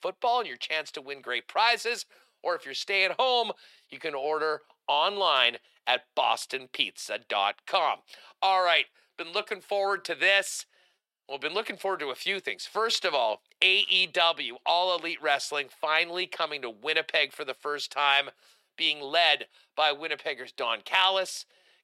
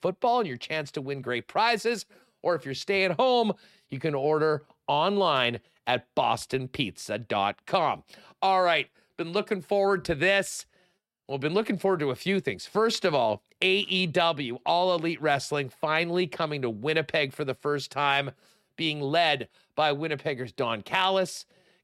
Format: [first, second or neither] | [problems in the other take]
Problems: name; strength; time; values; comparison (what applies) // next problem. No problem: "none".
second | thin; very; fading below 600 Hz